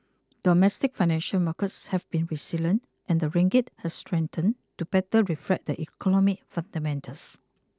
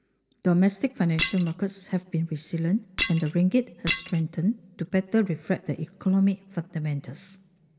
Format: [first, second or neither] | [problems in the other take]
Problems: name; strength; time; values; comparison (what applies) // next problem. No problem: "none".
first | background sound (Shatter); 5 dB below the speech // room echo; dies away in 1.3 s